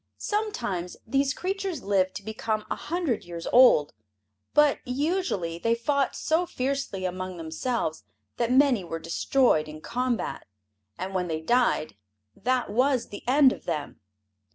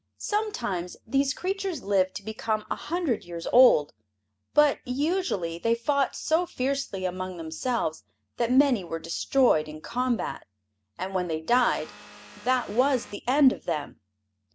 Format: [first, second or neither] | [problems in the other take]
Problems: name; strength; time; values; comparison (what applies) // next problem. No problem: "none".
first | background sound (Vehicle); 19 dB below the speech